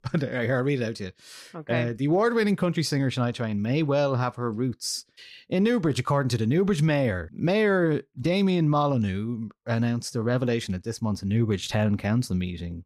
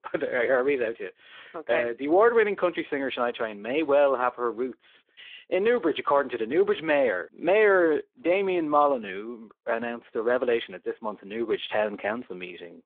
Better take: first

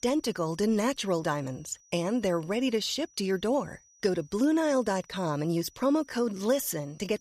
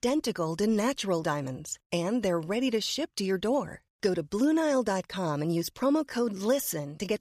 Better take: second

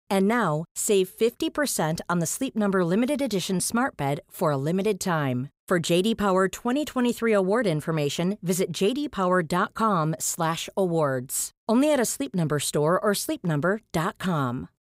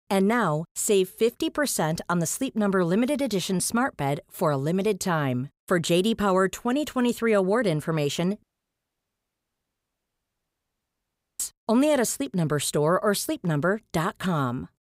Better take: first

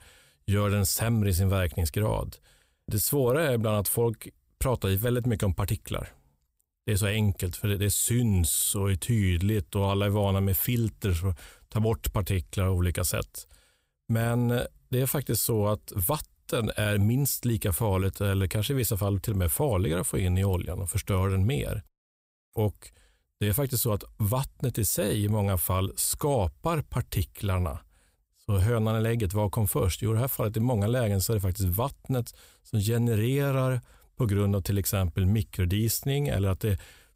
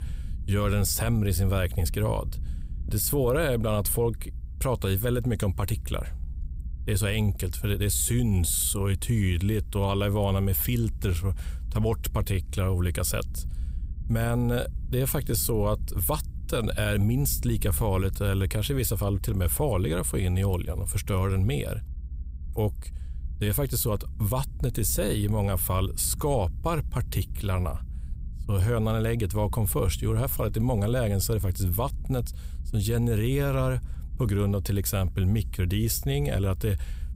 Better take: first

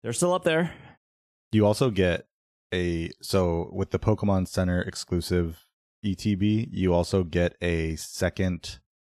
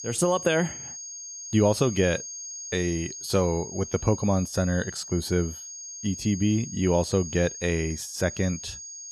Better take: first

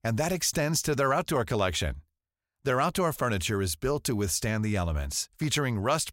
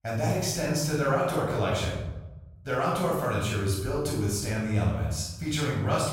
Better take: first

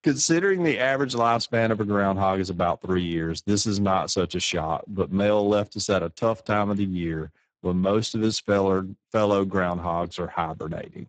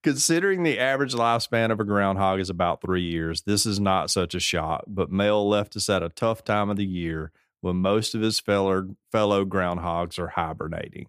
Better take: second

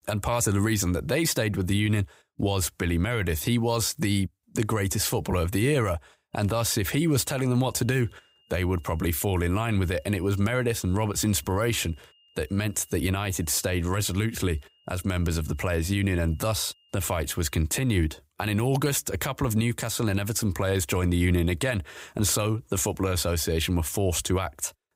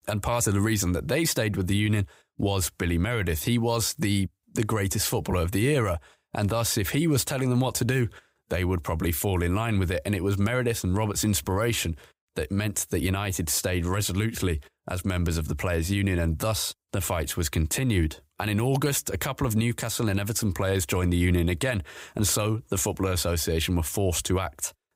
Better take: second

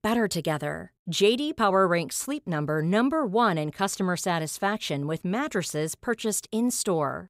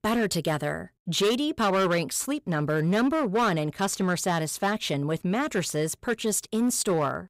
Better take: first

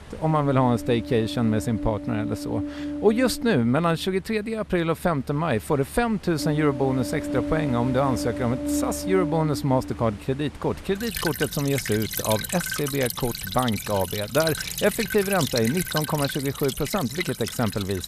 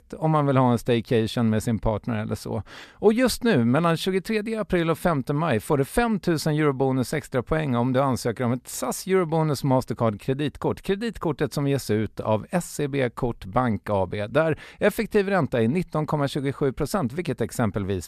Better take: second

